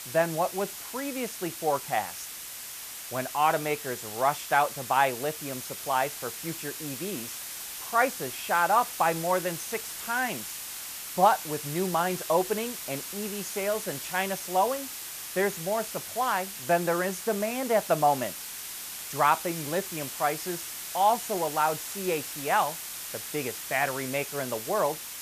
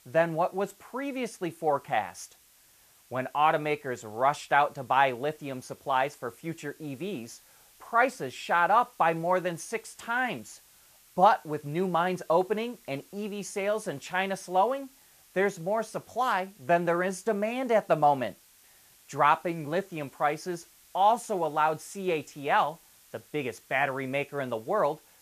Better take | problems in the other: second | hiss; loud; throughout; 7 dB below the speech; faint in the second

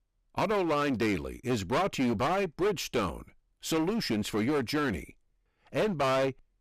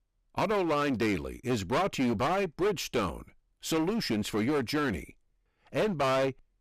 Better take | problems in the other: neither | distortion; heavy; 16% of the sound clipped; the same in both

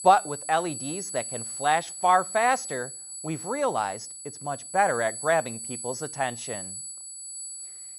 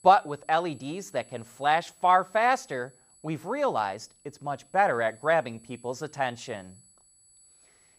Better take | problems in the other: second | high-pitched whine; loud; throughout; 8 kHz, 8 dB below the speech; faint in the second

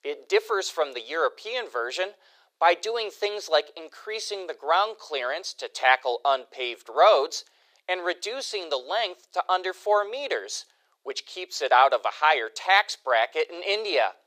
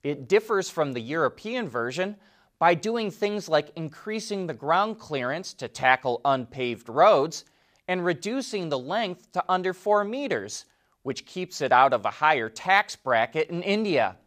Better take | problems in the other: second | thin; very; fading below 400 Hz

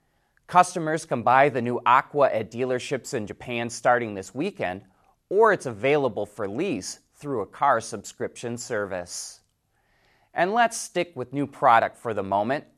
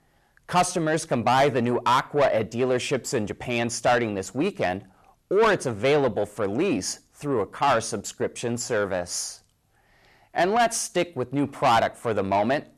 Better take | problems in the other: first | distortion; heavy; 8 dB below the speech

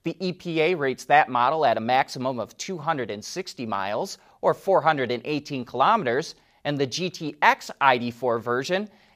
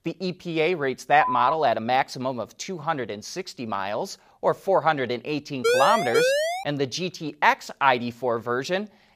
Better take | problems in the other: first | phone ringing; noticeable; at 1 s; peak 1 dB below the speech // siren; loud; at 5.5 s; peak 4 dB above the speech

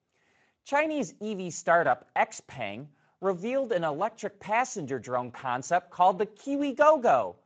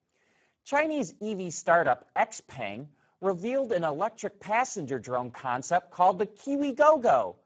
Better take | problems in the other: first | garbled, watery; badly; nothing above 7.5 kHz; slightly in the first

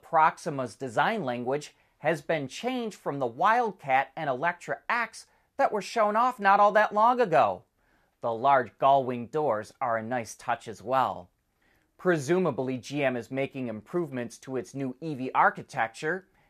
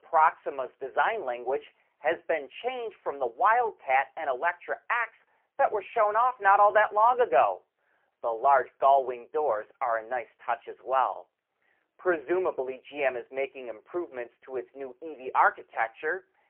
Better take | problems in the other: first | phone-call audio; poor line

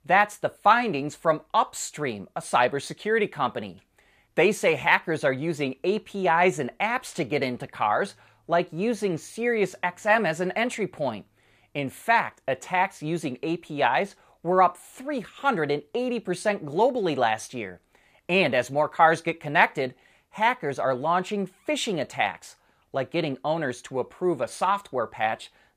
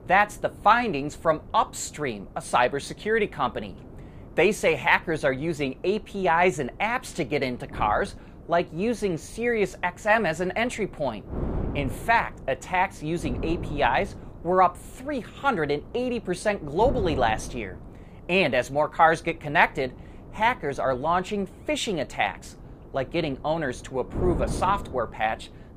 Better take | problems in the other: first | wind noise on the microphone; occasional gusts; 20 dB below the speech

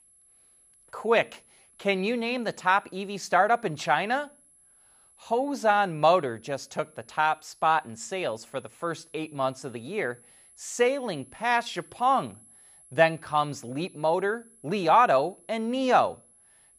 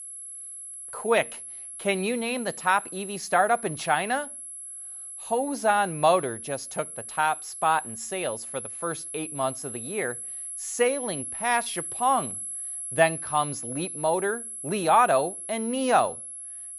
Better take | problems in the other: first | high-pitched whine; loud; throughout; 11 kHz, 8 dB below the speech; faint in the first

